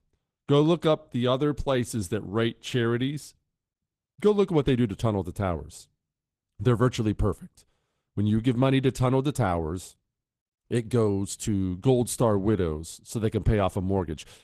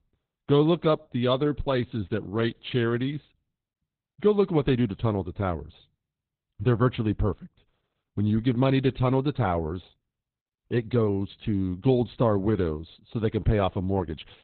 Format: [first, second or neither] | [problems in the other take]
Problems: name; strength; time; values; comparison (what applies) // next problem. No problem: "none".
first | garbled, watery; badly; nothing above 4 kHz; slightly in the first